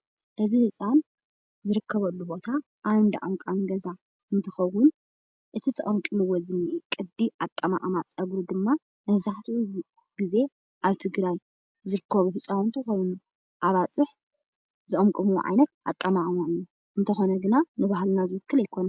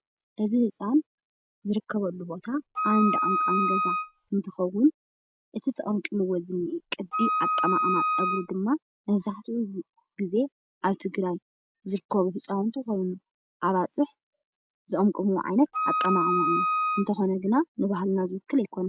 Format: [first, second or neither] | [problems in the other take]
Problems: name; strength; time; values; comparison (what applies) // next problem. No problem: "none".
first | background sound (Wind instrument, woodwind instrument); 1 dB above the speech